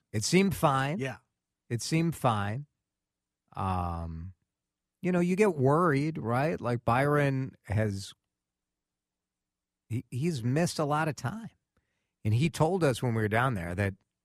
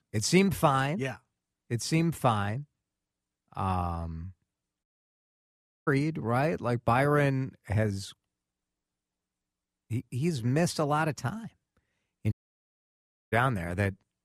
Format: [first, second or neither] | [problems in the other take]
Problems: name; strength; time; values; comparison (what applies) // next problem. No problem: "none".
first | audio cutting out; at 5 s for 1 s and at 12 s for 1 s